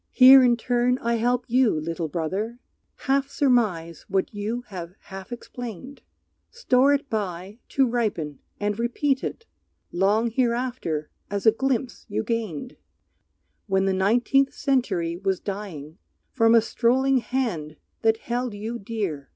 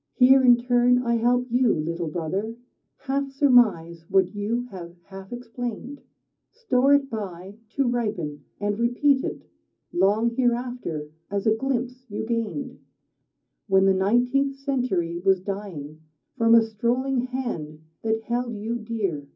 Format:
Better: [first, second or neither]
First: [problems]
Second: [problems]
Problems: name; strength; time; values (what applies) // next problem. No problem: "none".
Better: first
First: none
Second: room echo; dies away in 0.4 s